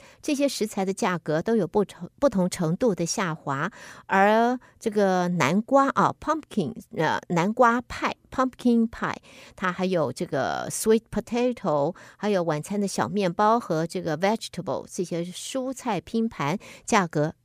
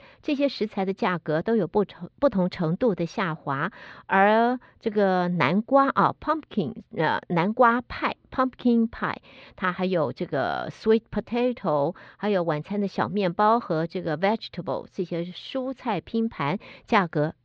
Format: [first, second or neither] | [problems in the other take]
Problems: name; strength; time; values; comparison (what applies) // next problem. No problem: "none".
first | muffled; slightly; fading above 4 kHz